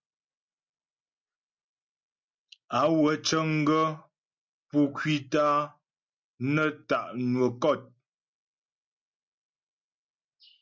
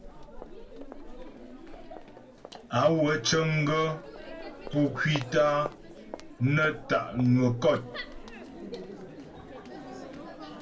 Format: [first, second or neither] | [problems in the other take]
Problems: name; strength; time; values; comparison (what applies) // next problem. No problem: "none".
first | background sound (Crowd); 13 dB below the speech // room echo; dies away in 0.2 s